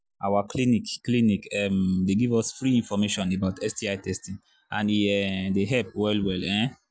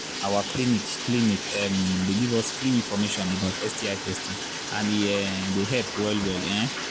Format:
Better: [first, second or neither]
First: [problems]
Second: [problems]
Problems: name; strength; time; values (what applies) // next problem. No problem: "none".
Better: first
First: none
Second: background sound (Bathtub (filling or washing)); 6 dB below the speech